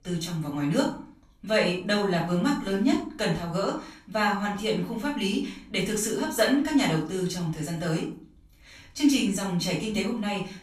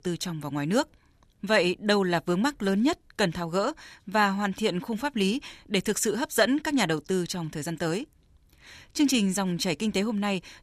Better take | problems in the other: second | off-mic speech; far // room echo; slight; dies away in 0.4 s

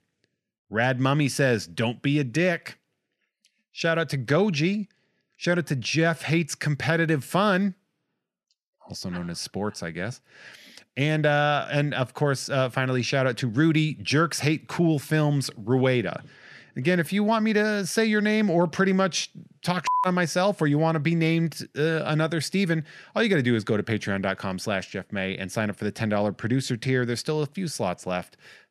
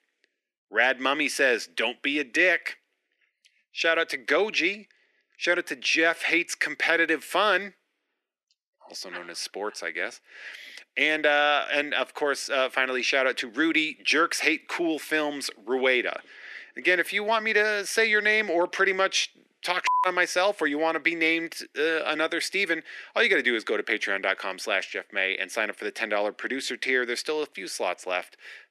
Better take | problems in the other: first | thin; very; fading below 300 Hz

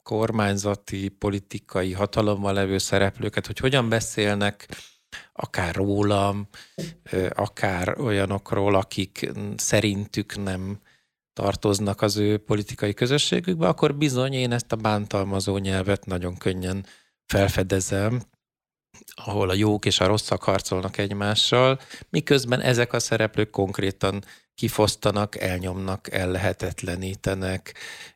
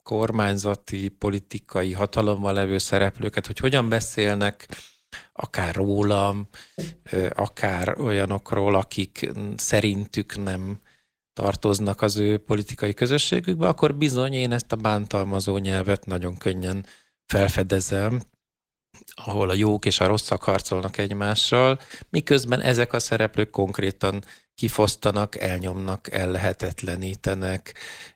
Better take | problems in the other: first | garbled, watery; slightly; nothing above 16 kHz

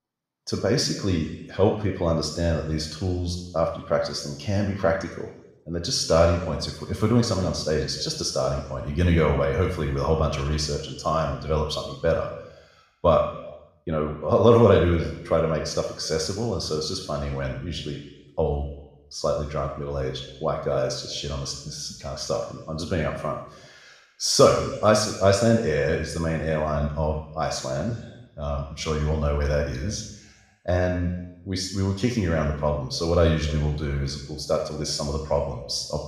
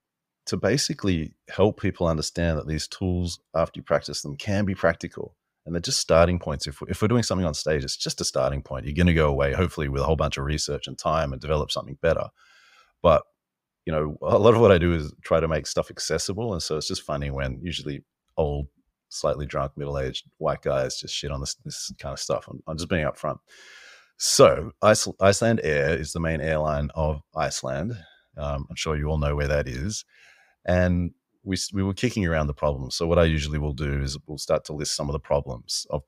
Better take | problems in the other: second | room echo; noticeable; dies away in 0.9 s // off-mic speech; somewhat distant

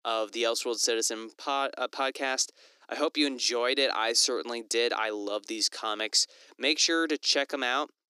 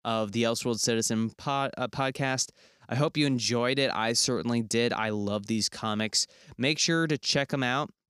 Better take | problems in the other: second | thin; somewhat; fading below 300 Hz

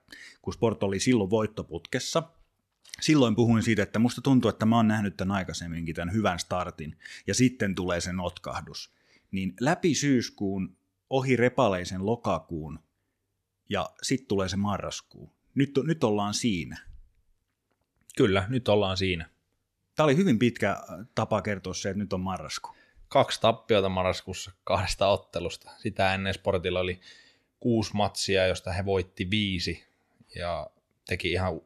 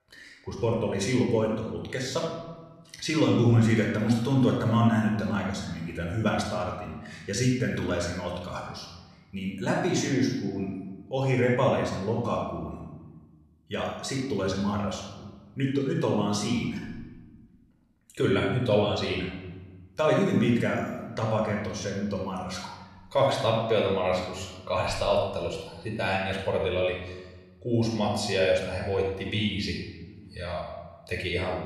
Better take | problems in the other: first | off-mic speech; somewhat distant // room echo; noticeable; dies away in 1 s

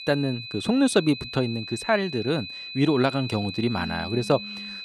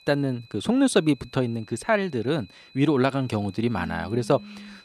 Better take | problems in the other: second | high-pitched whine; loud; throughout; 4 kHz, 10 dB below the speech; faint in the second

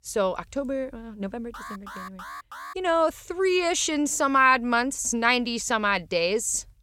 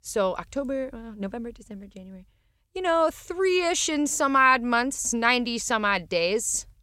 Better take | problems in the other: second | alarm; faint; from 1.5 to 2.5 s; peak 15 dB below the speech

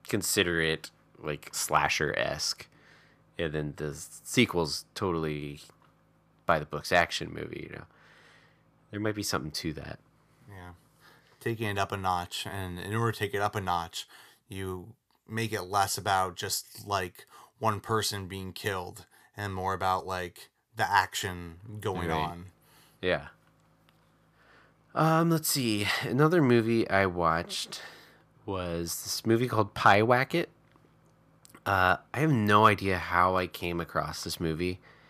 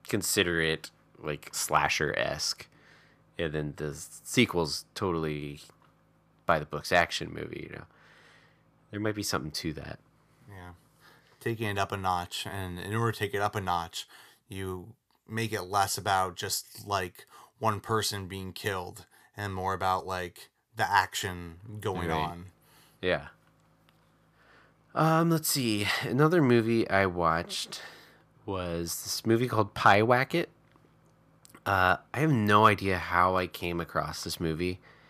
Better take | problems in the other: neither | none

